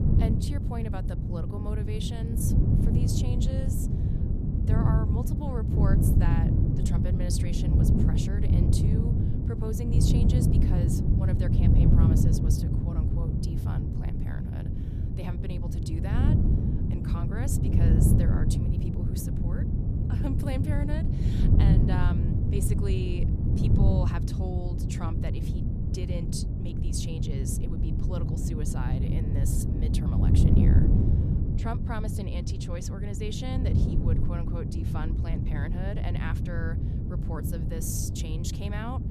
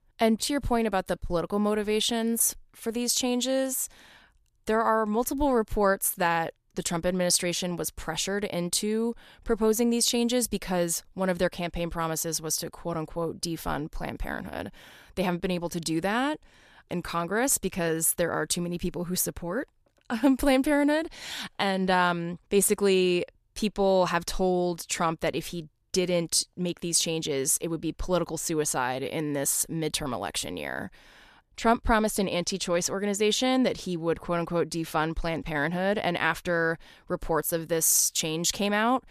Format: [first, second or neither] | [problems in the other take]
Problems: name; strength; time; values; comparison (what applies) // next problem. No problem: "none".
second | wind noise on the microphone; heavy; 3 dB above the speech